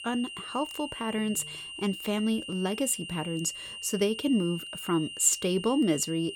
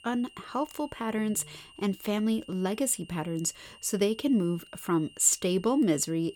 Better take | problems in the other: second | high-pitched whine; loud; throughout; 3 kHz, 9 dB below the speech; faint in the second

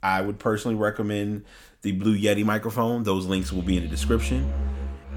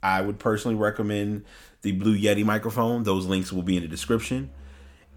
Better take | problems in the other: second | background music; loud; from 3.5 s on; 5 dB below the speech; faint in the second

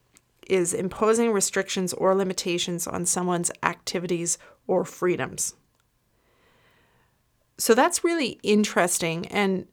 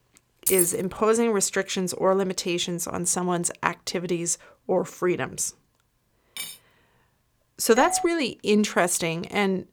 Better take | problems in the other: first | jangling keys; loud; at 0.5 s; peak 2 dB above the speech // clattering dishes; faint; at 6.5 s; peak 10 dB below the speech // doorbell; noticeable; at 8 s; peak 6 dB below the speech

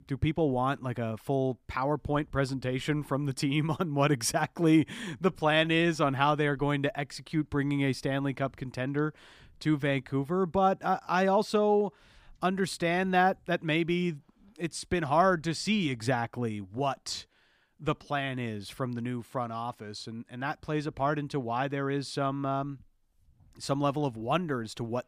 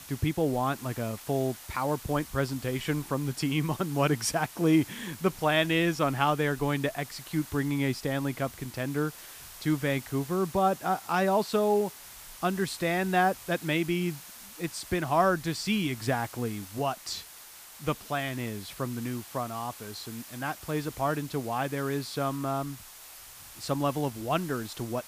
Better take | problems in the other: first | hiss; noticeable; throughout; 15 dB below the speech

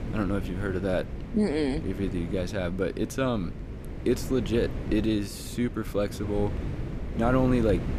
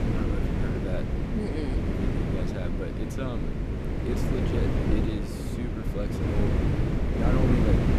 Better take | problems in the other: first | wind noise on the microphone; heavy; 3 dB above the speech; occasional gusts in the first

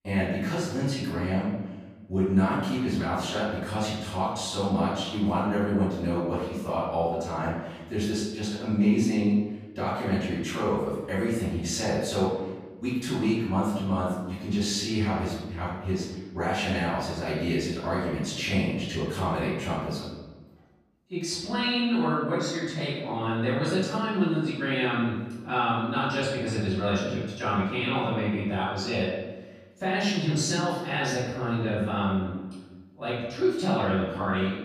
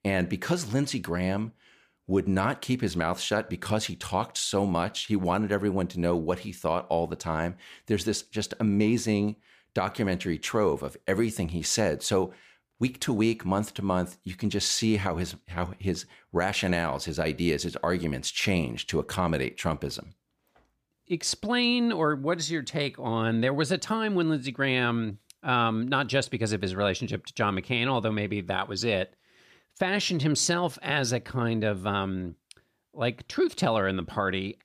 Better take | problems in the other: second | room echo; strong; dies away in 1.1 s // off-mic speech; far

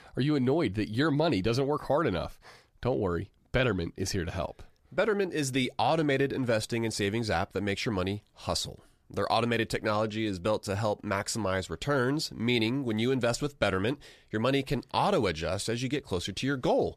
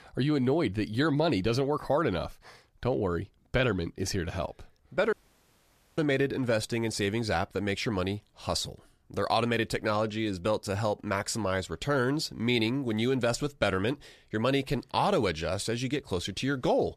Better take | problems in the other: first | audio cutting out; at 5 s for 1 s

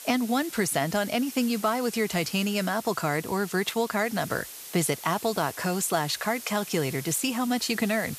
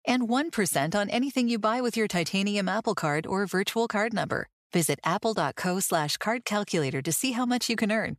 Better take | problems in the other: second | hiss; noticeable; throughout; 10 dB below the speech

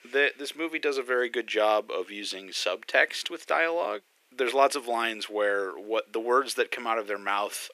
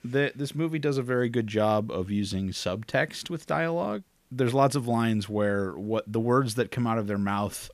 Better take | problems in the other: second | thin; very; fading below 350 Hz

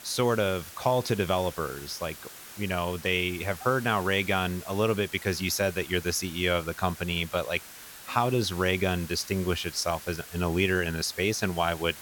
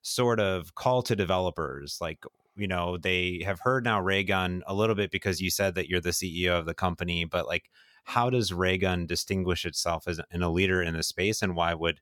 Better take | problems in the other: second | hiss; noticeable; throughout; 15 dB below the speech

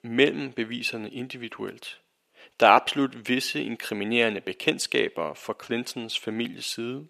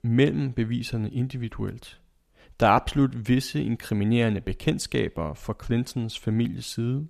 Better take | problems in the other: second | thin; somewhat; fading below 400 Hz

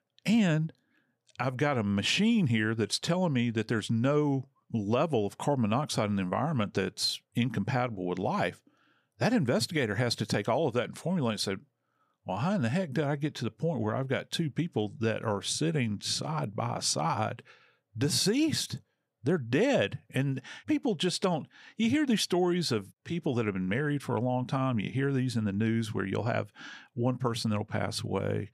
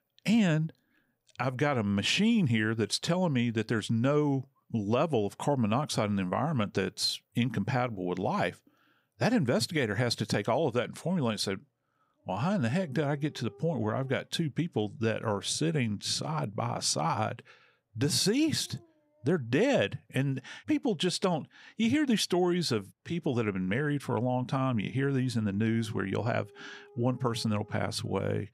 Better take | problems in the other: first | animal sounds; faint; throughout; 30 dB below the speech

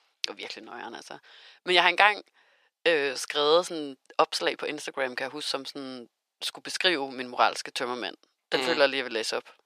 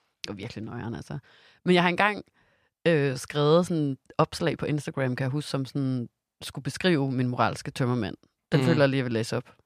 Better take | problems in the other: second | thin; very; fading below 400 Hz

